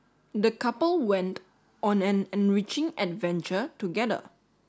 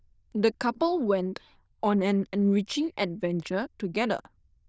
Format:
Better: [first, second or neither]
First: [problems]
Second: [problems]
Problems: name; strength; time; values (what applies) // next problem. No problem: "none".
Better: first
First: none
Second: noise reduction (neural diffusion model UNIVERSE++)